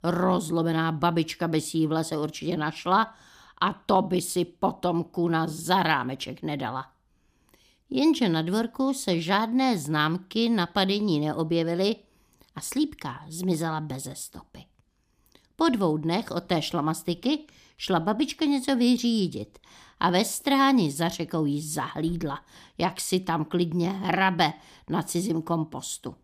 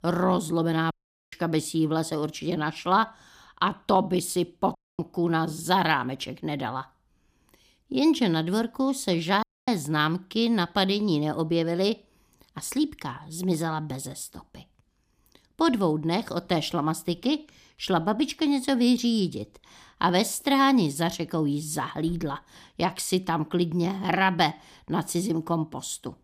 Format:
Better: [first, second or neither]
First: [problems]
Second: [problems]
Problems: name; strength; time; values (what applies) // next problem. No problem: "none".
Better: first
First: none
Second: audio cutting out; at 1 s, at 5 s and at 9.5 s